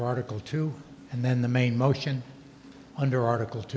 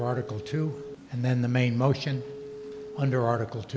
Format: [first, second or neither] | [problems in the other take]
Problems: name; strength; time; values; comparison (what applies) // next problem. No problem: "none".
first | background sound (Telephone); 15 dB below the speech